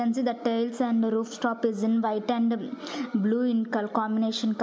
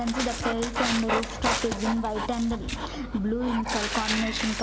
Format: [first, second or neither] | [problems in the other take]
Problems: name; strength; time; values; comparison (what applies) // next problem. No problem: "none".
first | background sound (Dog); 2 dB below the speech